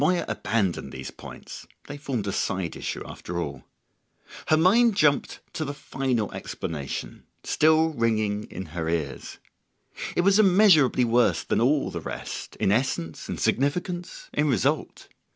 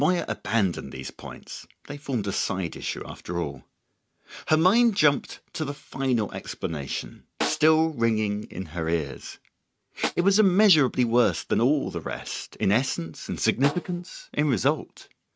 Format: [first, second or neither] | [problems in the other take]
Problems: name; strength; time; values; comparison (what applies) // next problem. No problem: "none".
first | noise reduction (neural mask model RNNoise)